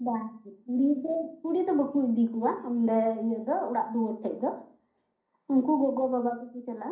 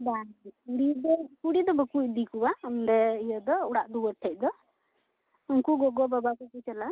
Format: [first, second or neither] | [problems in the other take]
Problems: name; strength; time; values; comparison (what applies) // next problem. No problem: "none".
second | room echo; dies away in 0.6 s